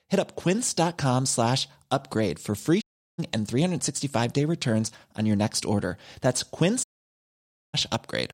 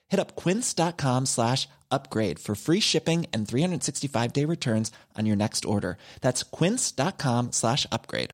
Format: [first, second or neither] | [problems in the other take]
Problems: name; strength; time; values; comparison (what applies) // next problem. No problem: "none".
second | audio cutting out; at 3 s and at 7 s for 1 s